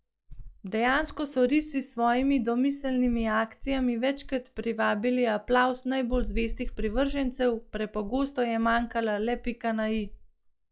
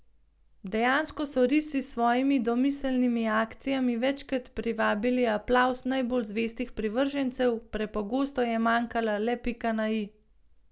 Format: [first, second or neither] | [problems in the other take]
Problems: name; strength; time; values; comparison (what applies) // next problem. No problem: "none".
second | noise reduction (classical method log-MMSE)